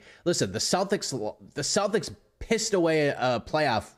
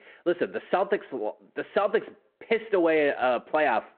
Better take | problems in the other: first | phone-call audio; nothing above 4 kHz

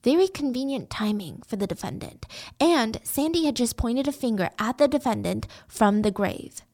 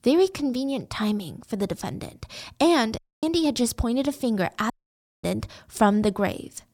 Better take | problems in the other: first | audio cutting out; at 3 s and at 4.5 s for 0.5 s

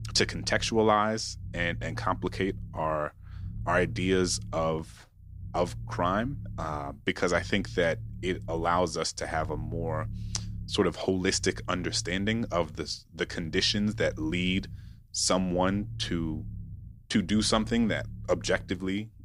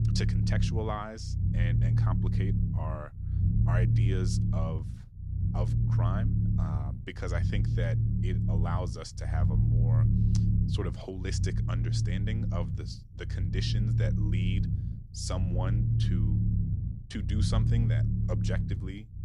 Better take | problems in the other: first | low rumble; loud; throughout; 1 dB below the speech; faint in the first

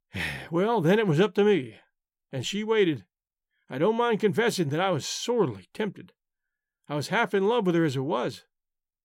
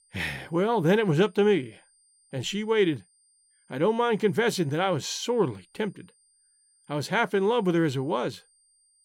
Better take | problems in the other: first | high-pitched whine; faint; throughout; 9 kHz, 35 dB below the speech

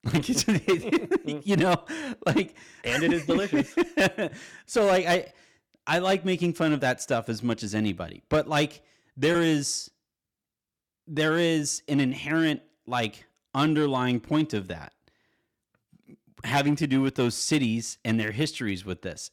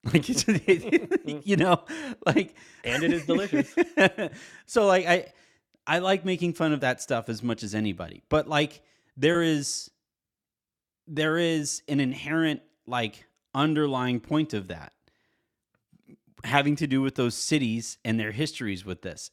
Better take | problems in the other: second | distortion; slight; 4% of the sound clipped

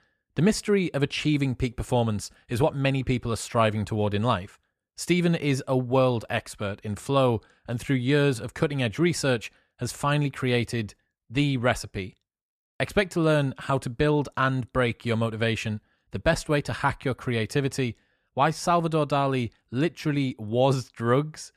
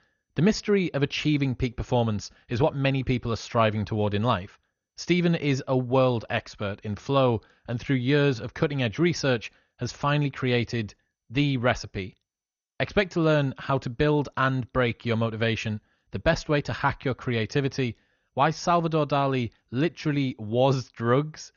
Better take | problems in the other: first | garbled, watery; slightly; nothing above 6.5 kHz

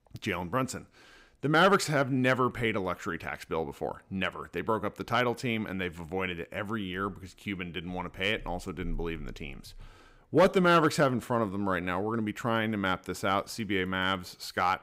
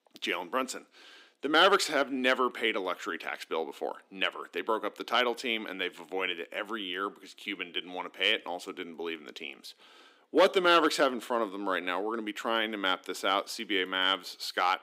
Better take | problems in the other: first | thin; somewhat; fading below 250 Hz

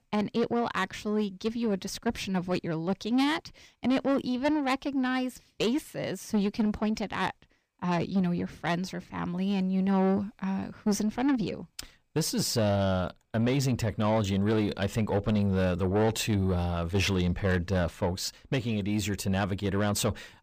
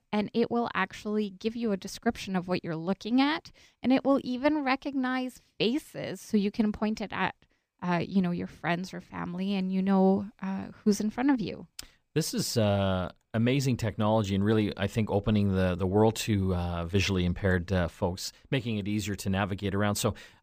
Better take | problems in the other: second | distortion; slight; 10 dB below the speech

